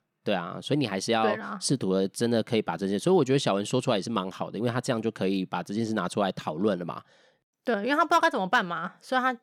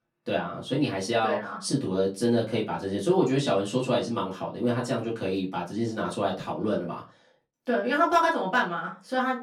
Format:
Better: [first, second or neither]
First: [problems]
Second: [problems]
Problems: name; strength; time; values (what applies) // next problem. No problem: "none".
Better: first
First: none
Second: off-mic speech; far // room echo; very slight; dies away in 0.2 s